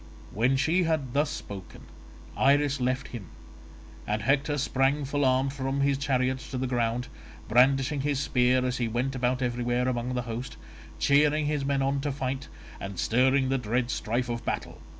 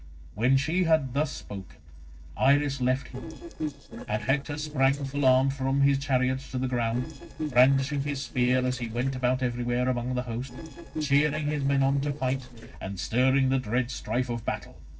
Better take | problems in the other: first | noise reduction (neural separator model SepFormer DNS4)

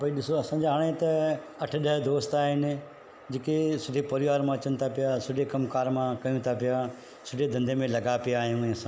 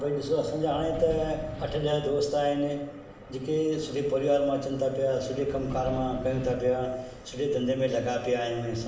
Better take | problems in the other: first | background sound (Wind); 15 dB below the speech // room echo; dies away in 0.9 s

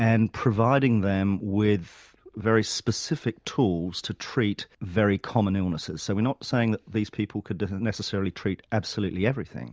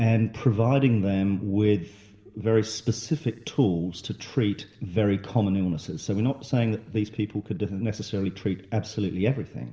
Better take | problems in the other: first | room echo; dies away in 1.5 s

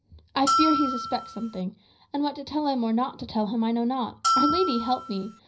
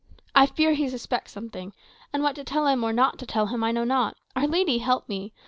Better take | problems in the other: second | background sound (Bell); 1 dB above the speech // room echo; dies away in 0.4 s

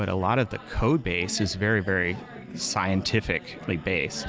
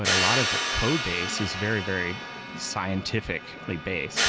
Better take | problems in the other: first | background sound (Crash cymbal); as loud as the speech

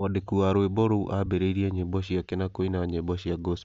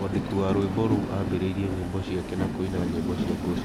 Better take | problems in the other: first | background sound (Train); 1 dB below the speech

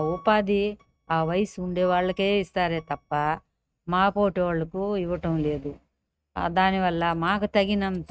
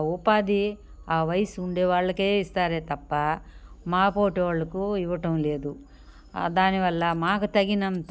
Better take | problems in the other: second | noise reduction (neural mask model RNNoise)

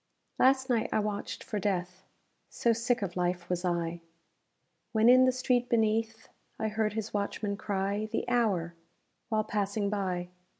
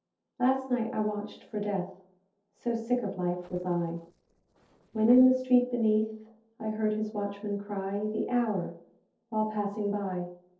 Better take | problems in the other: first | noise reduction (neural separator model SepFormer DNS4)

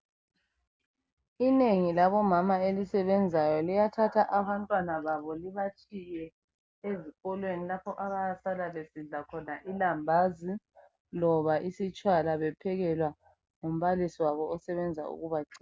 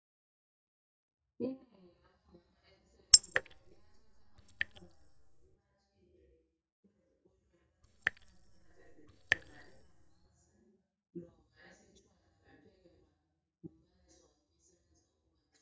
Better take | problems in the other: first | noise reduction (neural mask model DeepFilterNet 3)

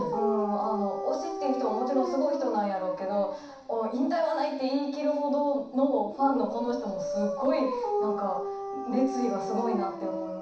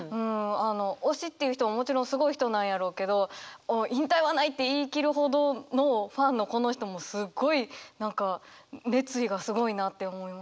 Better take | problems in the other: second | background sound (Dog); 5 dB below the speech // room echo; dies away in 0.7 s

